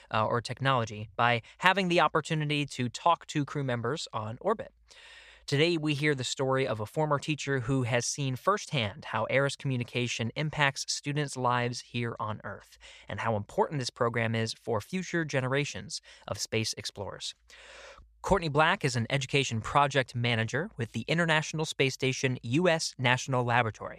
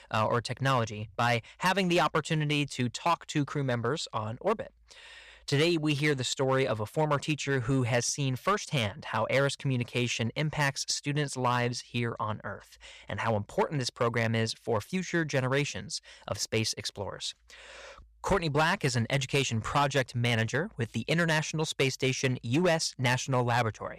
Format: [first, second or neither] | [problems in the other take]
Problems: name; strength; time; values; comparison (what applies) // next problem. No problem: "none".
first | distortion; slight; 4% of the sound clipped